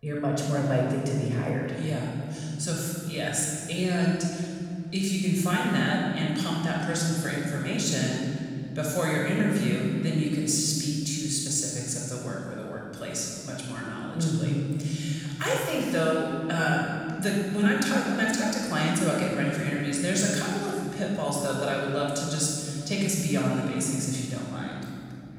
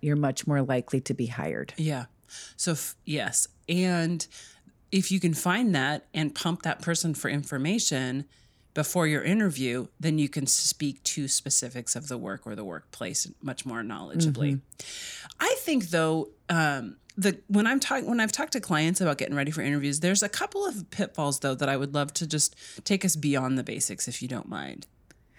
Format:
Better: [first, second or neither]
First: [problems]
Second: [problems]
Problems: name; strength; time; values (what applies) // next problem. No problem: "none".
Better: second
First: off-mic speech; far // room echo; strong; dies away in 2.7 s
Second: none